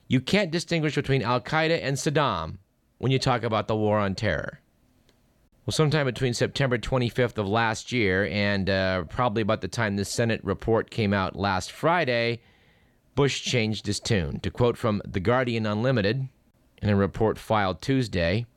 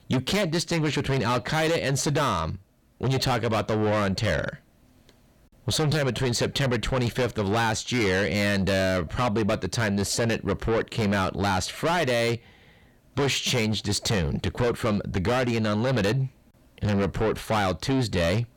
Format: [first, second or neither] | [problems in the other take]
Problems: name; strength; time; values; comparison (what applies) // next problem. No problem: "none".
first | distortion; heavy; 7 dB below the speech